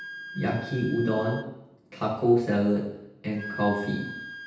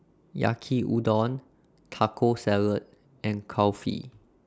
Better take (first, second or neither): second